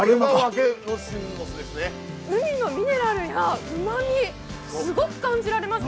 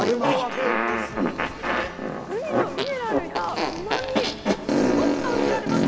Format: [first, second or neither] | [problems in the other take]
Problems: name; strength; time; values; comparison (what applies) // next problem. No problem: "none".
first | background sound (Fart); 4 dB above the speech